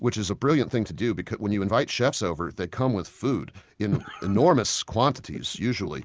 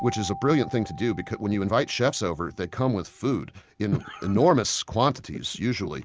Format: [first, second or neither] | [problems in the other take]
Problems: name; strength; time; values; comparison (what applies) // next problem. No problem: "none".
first | background sound (Keyboard (musical)); 19 dB below the speech